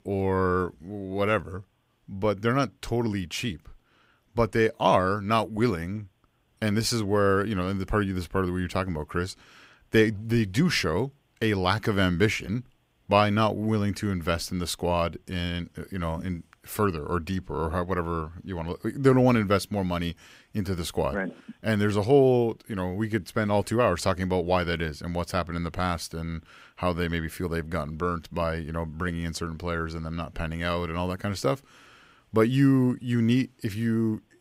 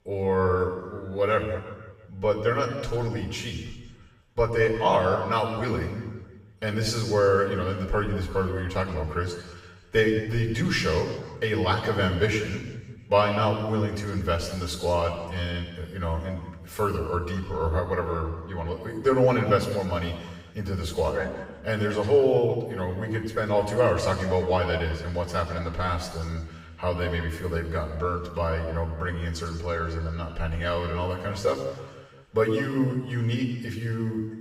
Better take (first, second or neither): first